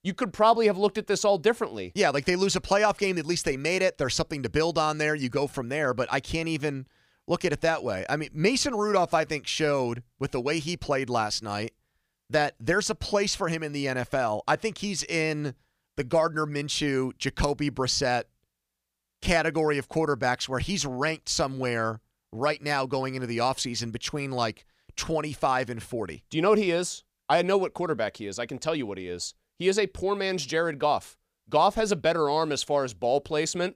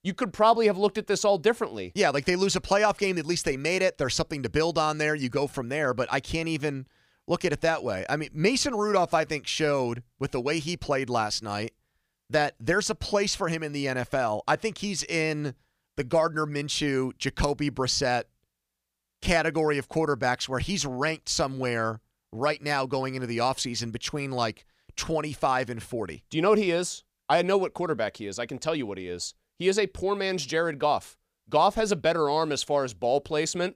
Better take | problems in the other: neither | none

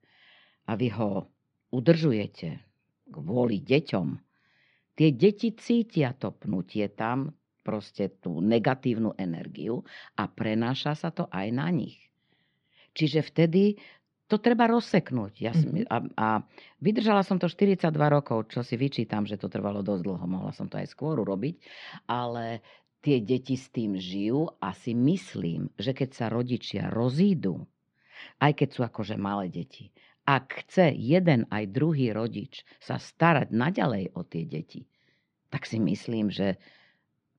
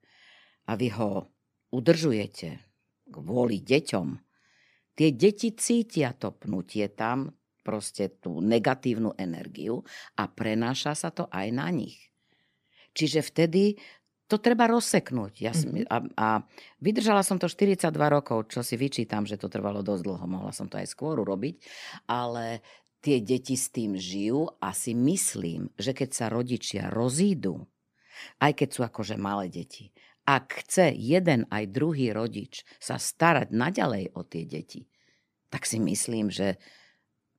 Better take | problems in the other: second | muffled; slightly; fading above 4 kHz

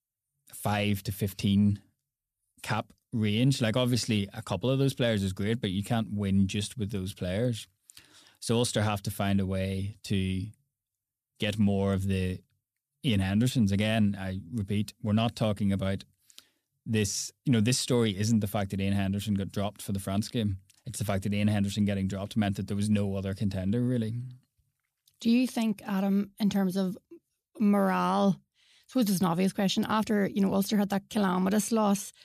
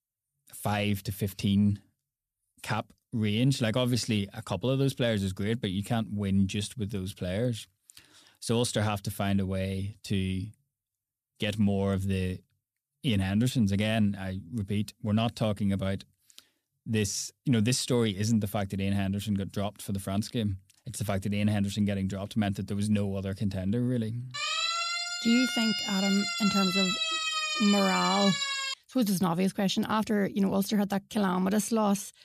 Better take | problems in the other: first | siren; loud; from 24 to 29 s; peak 2 dB above the speech

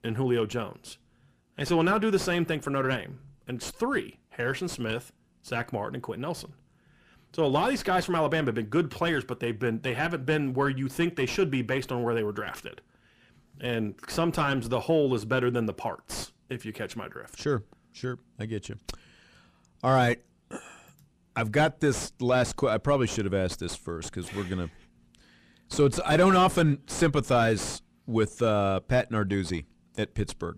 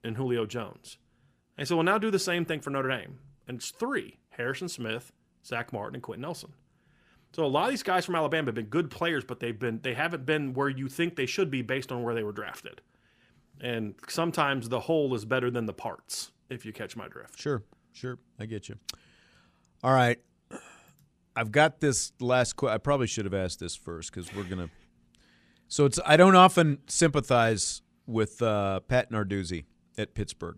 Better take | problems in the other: second | distortion; heavy; 6 dB below the speech

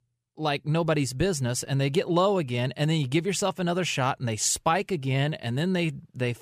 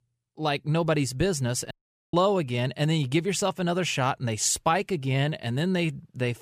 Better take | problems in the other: first | audio cutting out; at 1.5 s

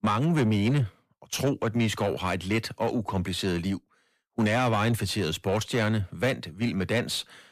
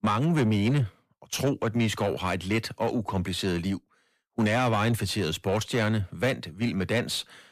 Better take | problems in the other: neither | distortion; slight; 10 dB below the speech; the same in both

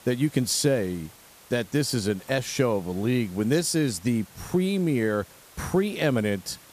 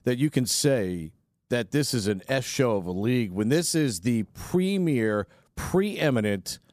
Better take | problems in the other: second | hiss; faint; throughout; 25 dB below the speech

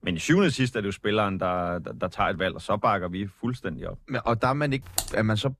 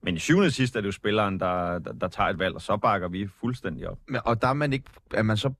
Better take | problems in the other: second | keyboard typing; noticeable; at 5 s; peak 4 dB below the speech

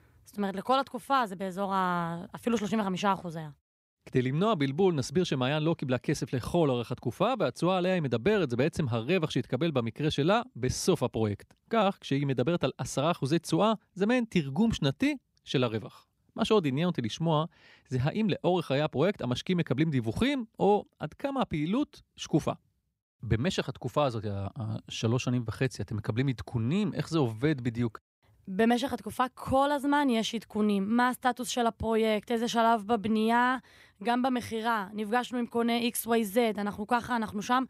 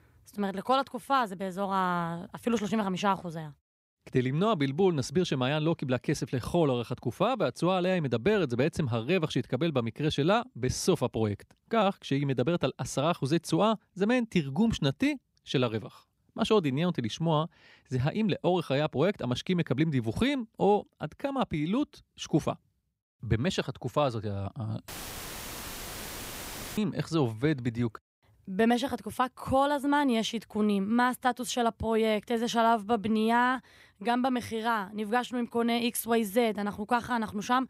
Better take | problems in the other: first | audio cutting out; filled with static; at 25 s for 2 s

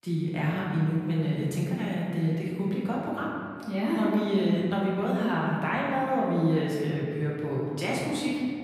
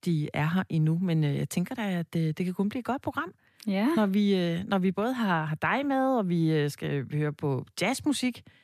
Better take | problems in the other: second | room echo; noticeable; dies away in 1.9 s // off-mic speech; far

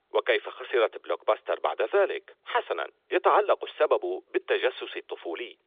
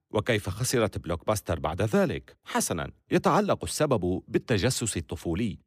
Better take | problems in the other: second | phone-call audio

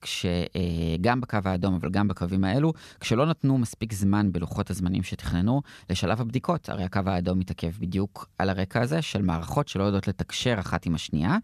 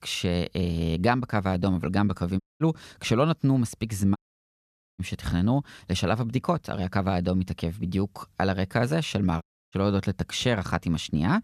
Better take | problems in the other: first | audio cutting out; at 2.5 s, at 4 s for 1 s and at 9.5 s

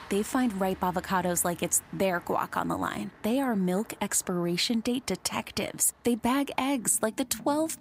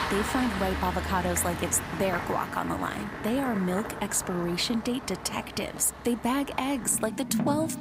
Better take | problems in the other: first | traffic noise; loud; throughout; 6 dB below the speech; faint in the first

